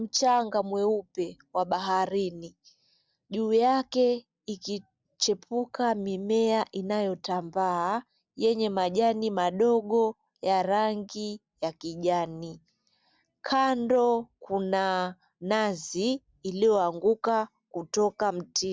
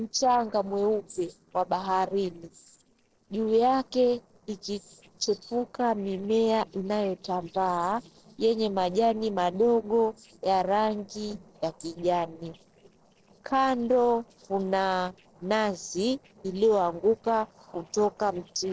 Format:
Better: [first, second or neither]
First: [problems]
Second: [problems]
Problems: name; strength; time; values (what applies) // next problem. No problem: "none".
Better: first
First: none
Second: noise reduction (neural separator model SepFormer DNS4)